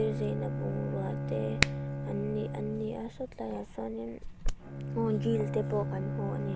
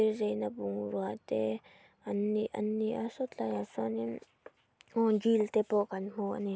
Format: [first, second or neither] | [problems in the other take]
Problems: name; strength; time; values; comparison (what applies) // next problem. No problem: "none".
second | background sound (Hands + Bowed string instrument); 1 dB above the speech